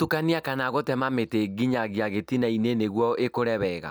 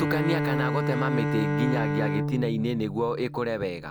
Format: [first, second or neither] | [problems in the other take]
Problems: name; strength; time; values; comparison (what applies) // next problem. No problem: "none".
first | background sound (Bowed string instrument); 1 dB above the speech